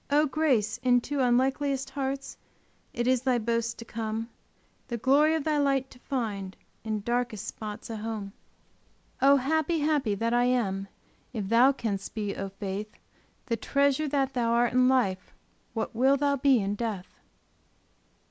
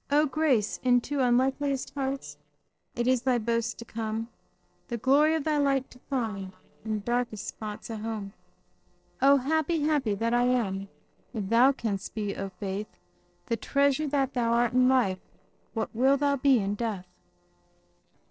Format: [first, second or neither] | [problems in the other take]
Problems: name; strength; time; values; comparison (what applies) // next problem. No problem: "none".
first | noise reduction (neural separator model SepFormer DNS4)